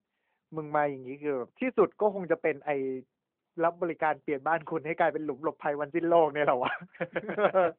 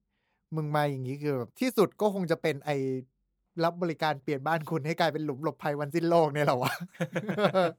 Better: second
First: phone-call audio; nothing above 3.5 kHz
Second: none

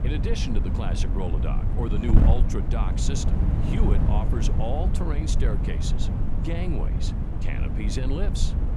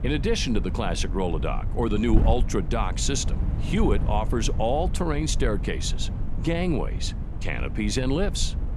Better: second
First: wind noise on the microphone; heavy; 2 dB below the speech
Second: wind noise on the microphone; occasional gusts; 15 dB below the speech

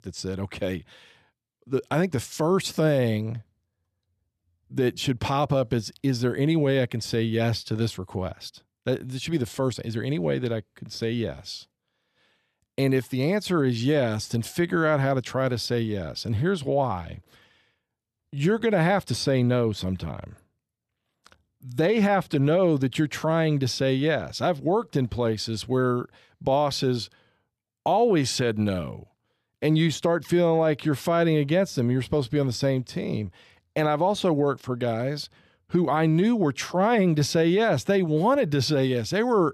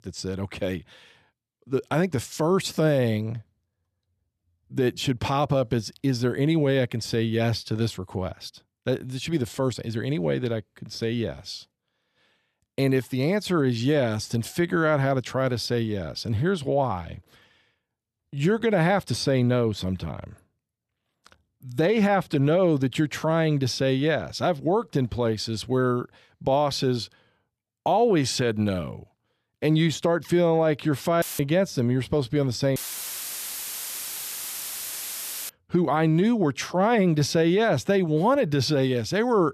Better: first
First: none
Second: audio cutting out; filled with static; at 31 s and at 33 s for 2.5 s

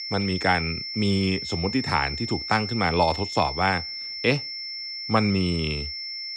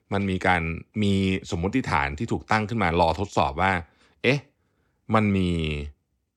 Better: second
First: high-pitched whine; loud; throughout; 5.5 kHz, 6 dB below the speech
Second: none

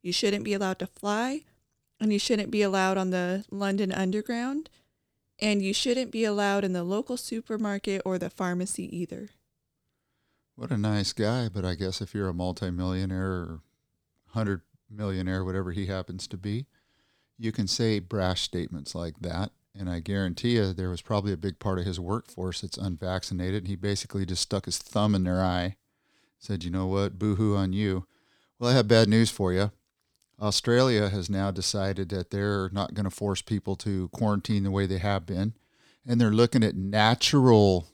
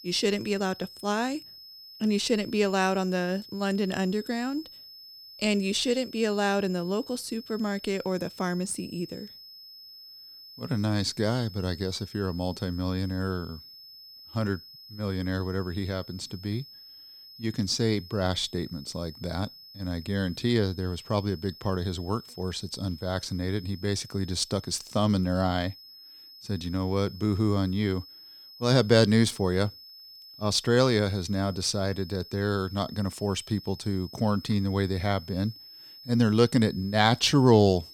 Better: first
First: none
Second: high-pitched whine; noticeable; throughout; 5 kHz, 20 dB below the speech

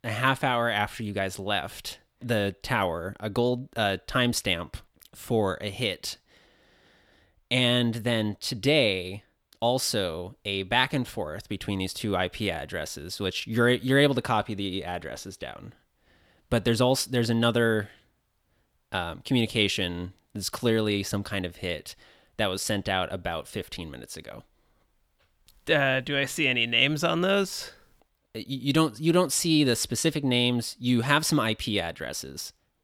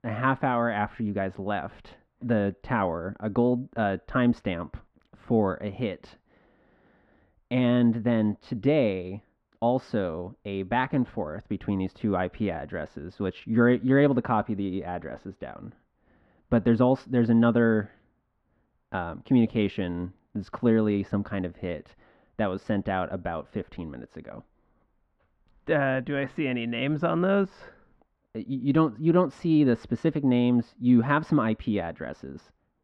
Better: first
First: none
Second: muffled; very; fading above 1.5 kHz

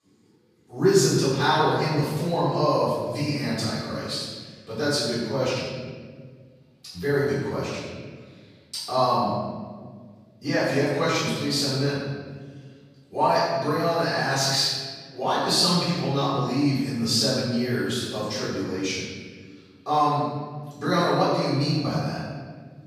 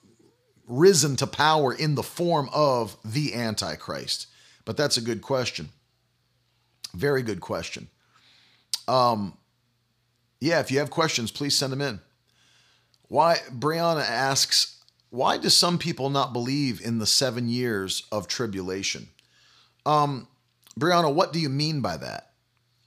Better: second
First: off-mic speech; far // room echo; strong; dies away in 1.5 s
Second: none

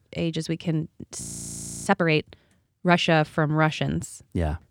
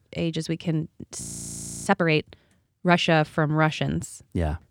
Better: neither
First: audio freezing; at 1 s for 0.5 s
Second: audio freezing; at 1 s for 0.5 s

